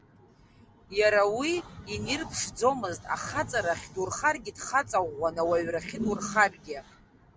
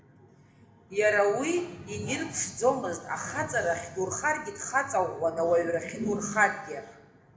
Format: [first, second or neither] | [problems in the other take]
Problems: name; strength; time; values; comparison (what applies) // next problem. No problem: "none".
first | room echo; dies away in 0.8 s